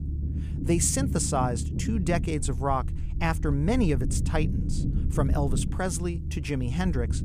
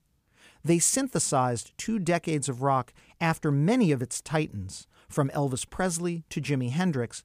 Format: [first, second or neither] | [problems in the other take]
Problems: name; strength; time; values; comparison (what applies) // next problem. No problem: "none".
second | low rumble; noticeable; throughout; 10 dB below the speech